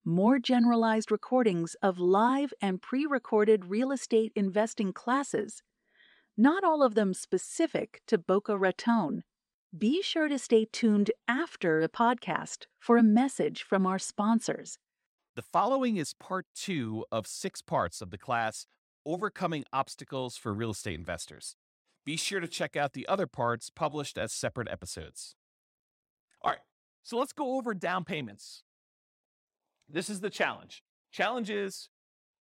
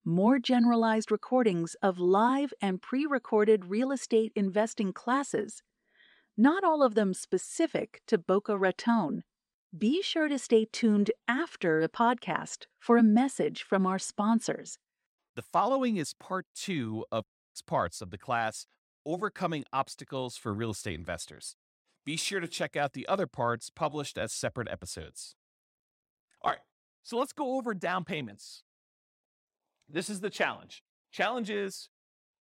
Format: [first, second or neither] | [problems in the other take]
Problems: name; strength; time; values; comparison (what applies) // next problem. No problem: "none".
first | audio cutting out; at 17 s